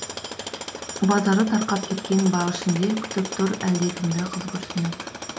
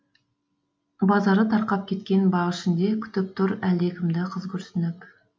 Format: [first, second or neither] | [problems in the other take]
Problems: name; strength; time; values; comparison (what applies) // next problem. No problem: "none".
second | background sound (Tools); 9 dB below the speech